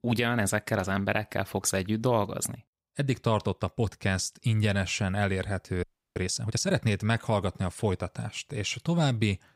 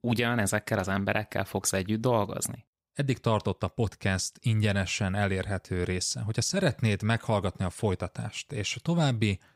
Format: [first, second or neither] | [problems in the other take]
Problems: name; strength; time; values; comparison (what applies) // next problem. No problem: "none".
second | audio freezing; at 6 s